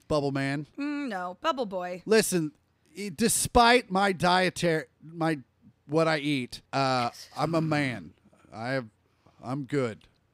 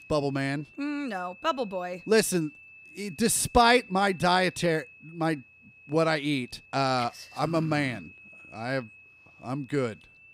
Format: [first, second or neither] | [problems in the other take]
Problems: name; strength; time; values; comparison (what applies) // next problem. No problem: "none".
first | high-pitched whine; faint; throughout; 2.5 kHz, 20 dB below the speech